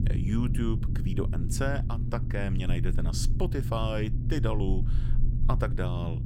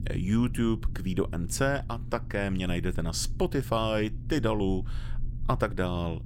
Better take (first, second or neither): second